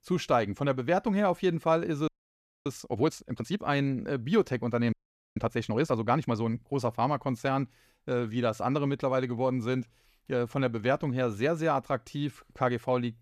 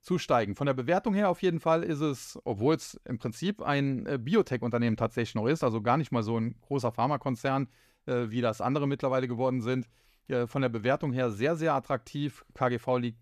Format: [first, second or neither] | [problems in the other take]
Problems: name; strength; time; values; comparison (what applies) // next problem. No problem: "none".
second | audio freezing; at 2 s for 0.5 s and at 5 s